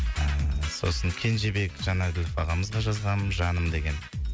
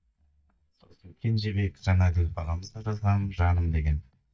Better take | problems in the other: first | noise reduction (neural mask model DeepFilterNet 3)

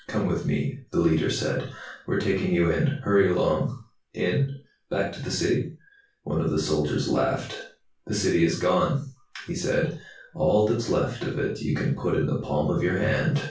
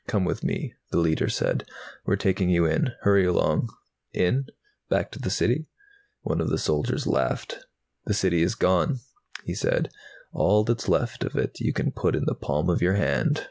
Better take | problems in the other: second | room echo; dies away in 0.3 s

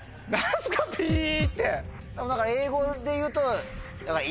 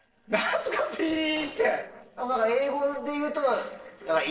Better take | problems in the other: first | noise reduction (neural separator model SepFormer DNS4)

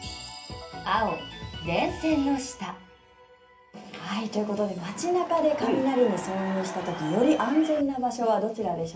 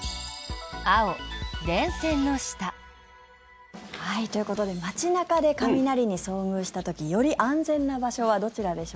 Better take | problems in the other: second | background sound (Crowd / Cheering); 10 dB below the speech // room echo; dies away in 0.3 s

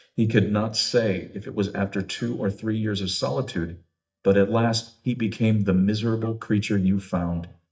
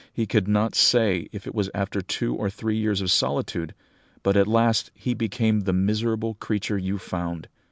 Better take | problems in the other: second | noise reduction (neural mask model DeepFilterNet 3)

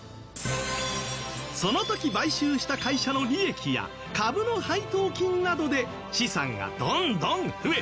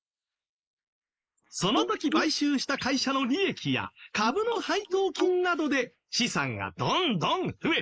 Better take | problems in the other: first | noise reduction (neural mask model Resemble Enhance denoiser)

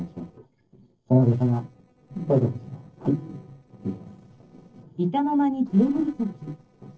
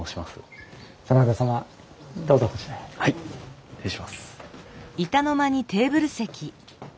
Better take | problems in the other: second | noise reduction (neural separator model SepFormer DNS4)

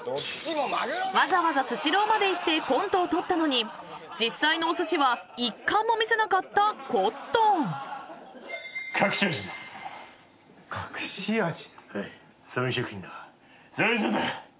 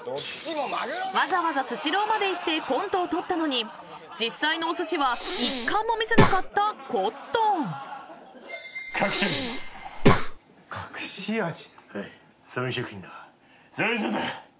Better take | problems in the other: first | background sound (Breathing); 5 dB above the speech

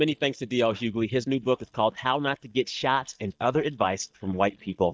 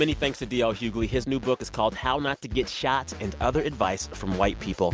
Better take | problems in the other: second | noise reduction (neural mask model DeepFilterNet 3)

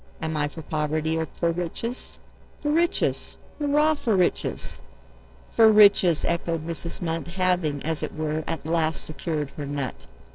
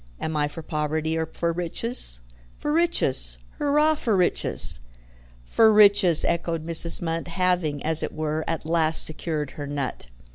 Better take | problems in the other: second | noise reduction (neural separator model SepFormer DNS4)

